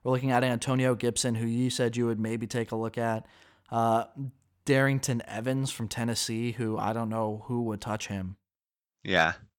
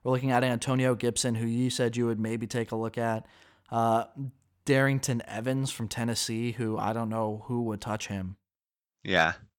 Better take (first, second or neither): neither